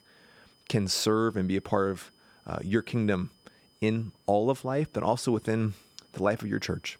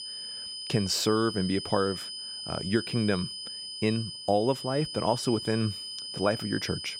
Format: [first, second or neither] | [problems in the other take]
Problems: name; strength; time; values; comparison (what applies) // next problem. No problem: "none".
first | high-pitched whine; loud; throughout; 5 kHz, 7 dB below the speech; faint in the first